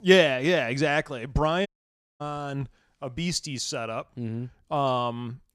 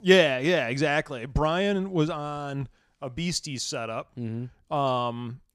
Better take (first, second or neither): second